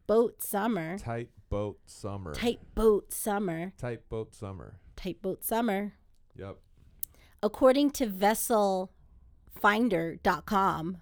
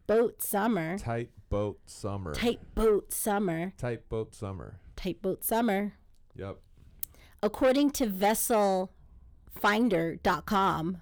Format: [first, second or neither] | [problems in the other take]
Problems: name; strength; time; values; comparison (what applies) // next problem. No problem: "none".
first | distortion; slight; 10 dB below the speech